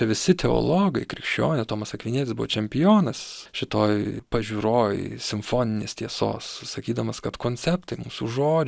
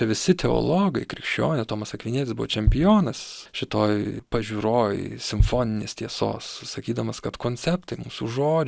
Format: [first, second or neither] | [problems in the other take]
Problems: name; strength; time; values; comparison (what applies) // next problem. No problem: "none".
first | background sound (Bass drum); 5 dB below the speech